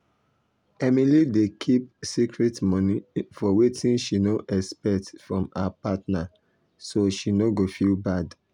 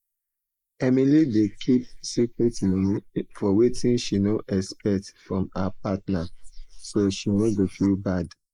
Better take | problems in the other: first | noise reduction (neural mask model Resemble Enhance denoiser)

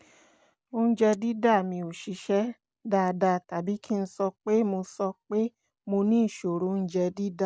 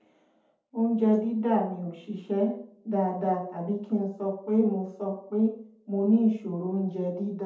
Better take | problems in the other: first | room echo; dies away in 0.6 s

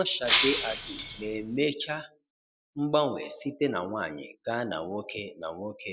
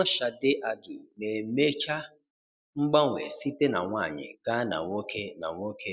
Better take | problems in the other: second | background sound (Shatter); 1 dB above the speech

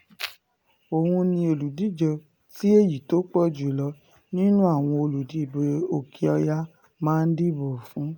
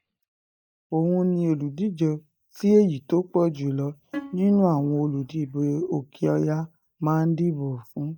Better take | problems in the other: first | noise reduction (neural mask model DeepFilterNet 3)

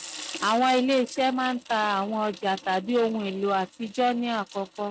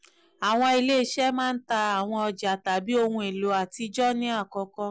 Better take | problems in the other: second | noise reduction (neural mask model RNNoise)

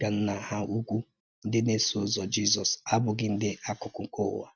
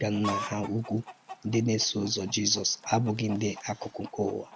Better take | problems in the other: first | background sound (Chicken, rooster); 13 dB below the speech

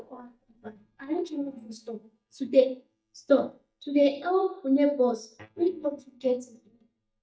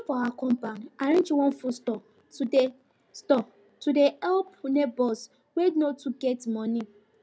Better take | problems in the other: second | noise reduction (neural mask model DeepFilterNet 3)

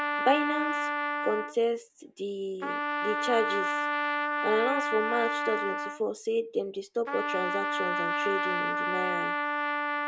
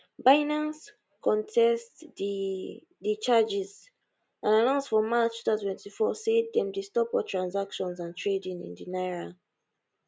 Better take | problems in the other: second | background sound (Trumpet); 1 dB above the speech

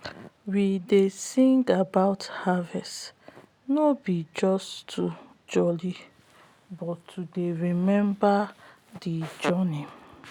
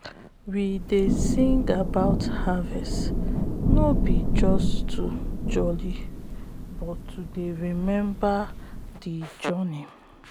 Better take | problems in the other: first | background sound (Thunder / Rain); 3 dB above the speech

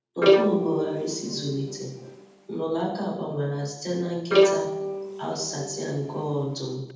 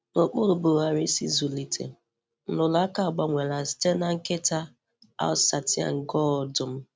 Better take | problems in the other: second | background sound (Bowed string instrument); 3 dB above the speech // room echo; dies away in 0.8 s

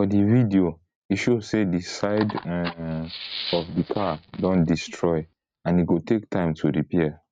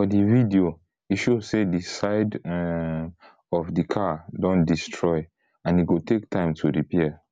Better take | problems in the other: second | noise reduction (neural mask model RNNoise)

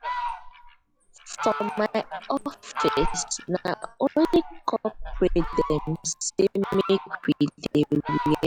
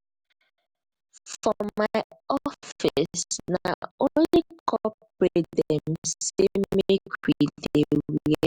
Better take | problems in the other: second | noise reduction (classical method log-MMSE)

